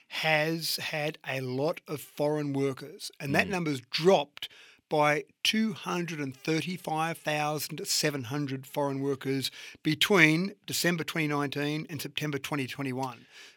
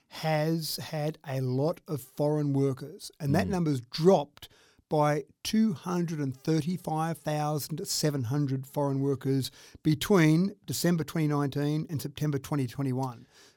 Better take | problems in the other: second | thin; very slightly; fading below 300 Hz

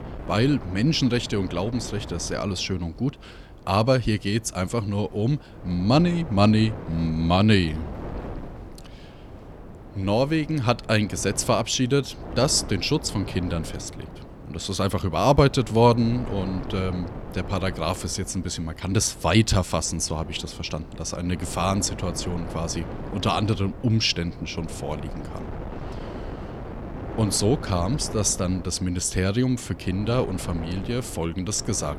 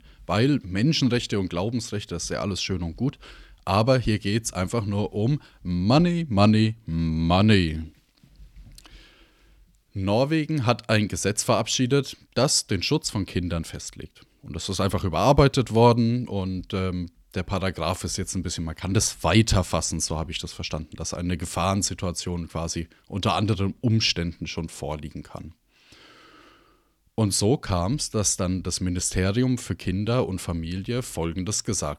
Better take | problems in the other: second | wind noise on the microphone; occasional gusts; 15 dB below the speech

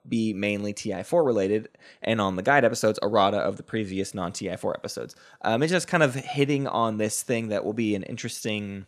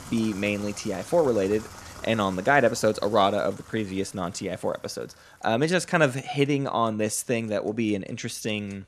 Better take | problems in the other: first | household noises; noticeable; throughout; 20 dB below the speech

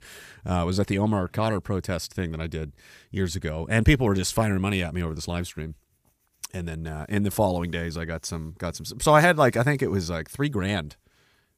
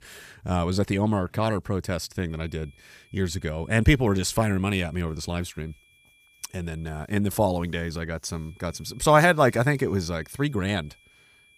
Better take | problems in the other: first | high-pitched whine; faint; from 2.5 to 7 s and from 8.5 s on; 2.5 kHz, 30 dB below the speech

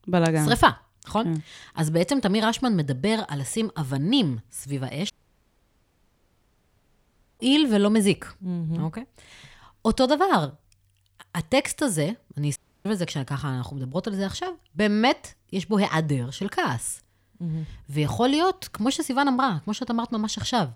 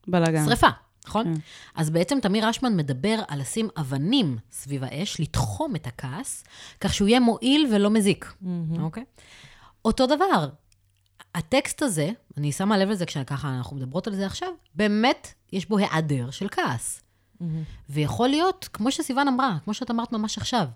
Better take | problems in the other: second | audio cutting out; at 5 s for 2.5 s and at 13 s

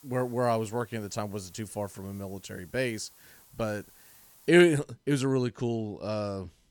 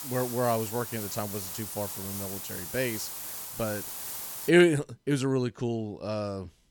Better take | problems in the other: first | hiss; loud; until 4.5 s; 6 dB below the speech; faint in the first

